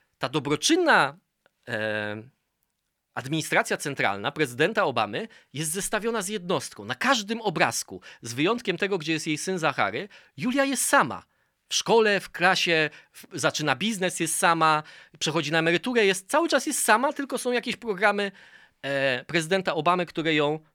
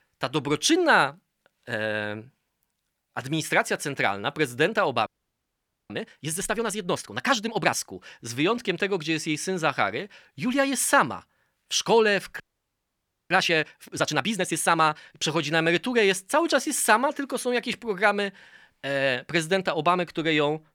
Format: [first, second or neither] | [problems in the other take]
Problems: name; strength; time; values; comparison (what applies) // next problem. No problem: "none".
first | audio freezing; at 5 s for 1 s and at 12 s for 1 s